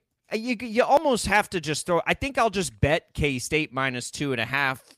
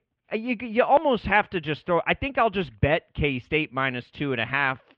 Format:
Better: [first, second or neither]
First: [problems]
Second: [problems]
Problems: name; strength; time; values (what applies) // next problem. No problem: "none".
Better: first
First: none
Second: muffled; very; fading above 3 kHz